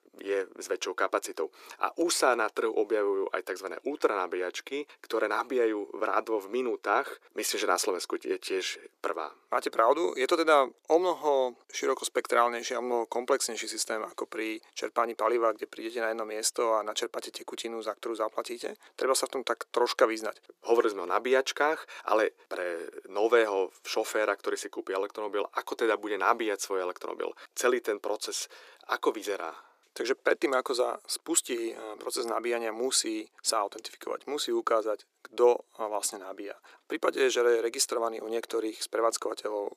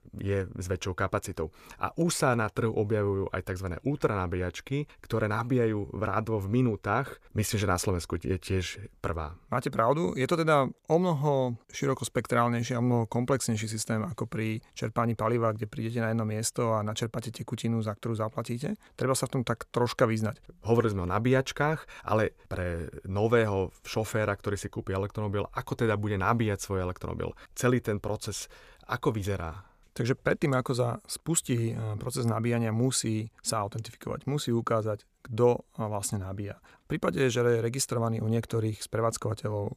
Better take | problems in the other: second | thin; very; fading below 350 Hz

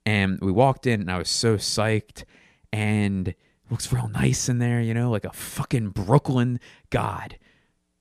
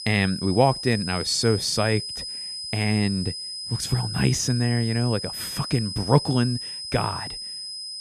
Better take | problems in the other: first | high-pitched whine; loud; throughout; 5 kHz, 7 dB below the speech

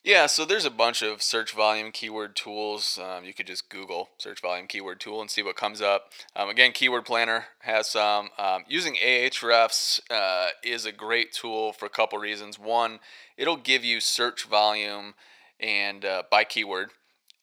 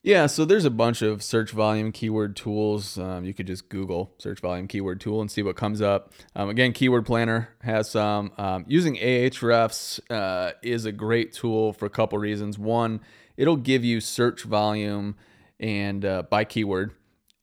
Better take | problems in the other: second | thin; very; fading below 650 Hz

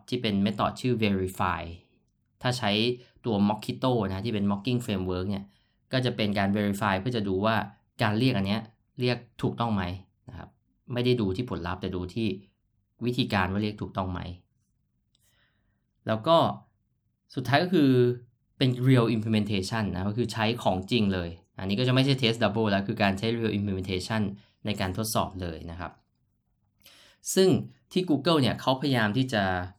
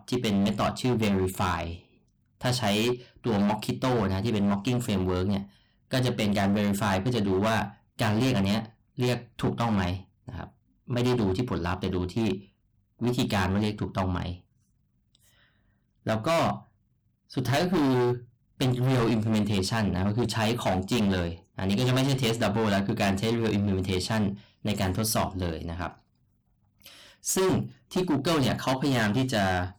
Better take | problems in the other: first | distortion; heavy; 16% of the sound clipped

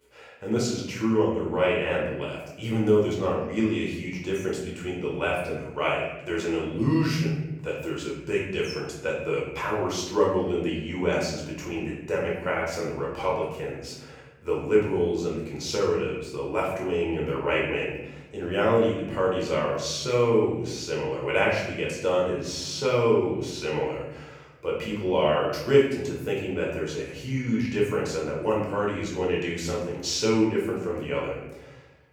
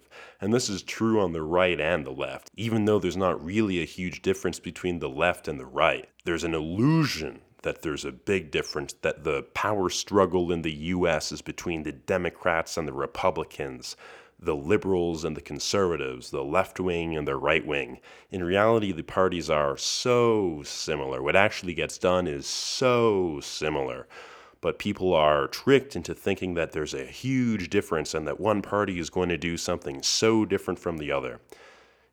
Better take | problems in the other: second | off-mic speech; far // room echo; noticeable; dies away in 1 s

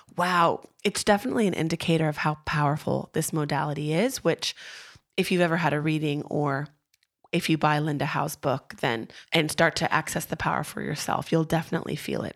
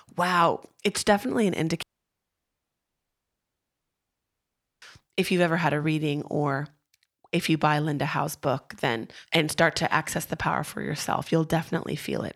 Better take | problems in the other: first | audio cutting out; at 2 s for 3 s

